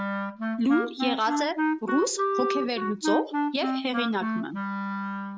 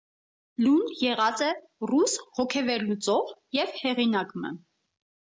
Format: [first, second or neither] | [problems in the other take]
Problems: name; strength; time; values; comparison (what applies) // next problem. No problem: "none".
second | noise reduction (neural mask model RNNoise)